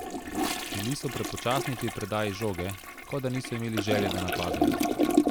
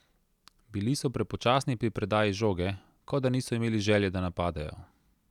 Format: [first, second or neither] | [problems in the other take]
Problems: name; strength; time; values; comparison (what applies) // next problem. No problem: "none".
second | background sound (Toilet flush); 2 dB above the speech